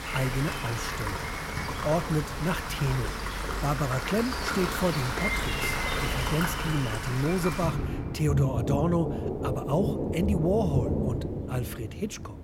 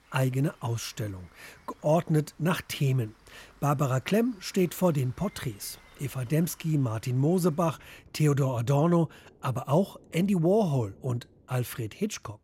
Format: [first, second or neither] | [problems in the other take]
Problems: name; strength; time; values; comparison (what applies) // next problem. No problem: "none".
second | rain or running water; loud; throughout; 1 dB below the speech; faint in the second